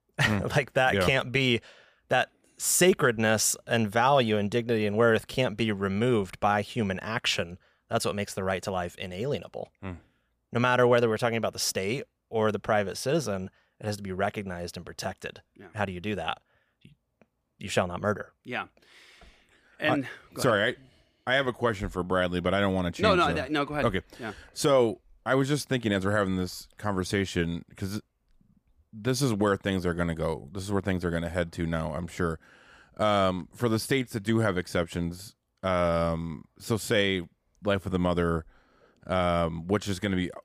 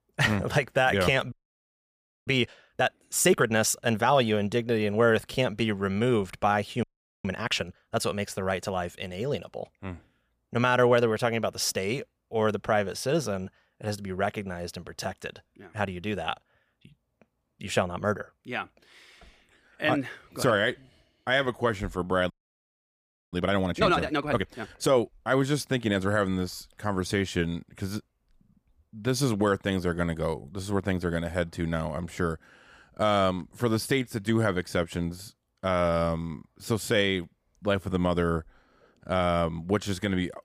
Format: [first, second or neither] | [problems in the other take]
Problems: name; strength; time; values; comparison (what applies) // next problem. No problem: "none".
first | audio freezing; at 1.5 s for 1 s, at 7 s and at 22 s for 1 s